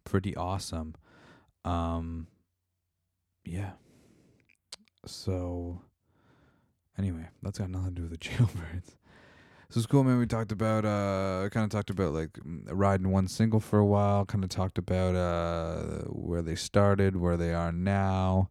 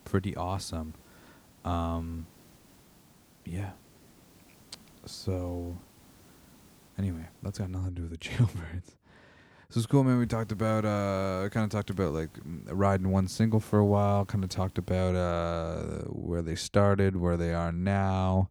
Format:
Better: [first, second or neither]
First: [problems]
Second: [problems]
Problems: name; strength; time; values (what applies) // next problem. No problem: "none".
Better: first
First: none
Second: hiss; faint; until 7.5 s and from 10 to 15 s; 30 dB below the speech